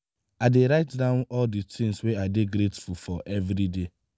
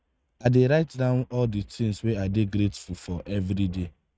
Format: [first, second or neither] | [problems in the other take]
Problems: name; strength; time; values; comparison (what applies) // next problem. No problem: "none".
first | noise reduction (neural mask model RNNoise)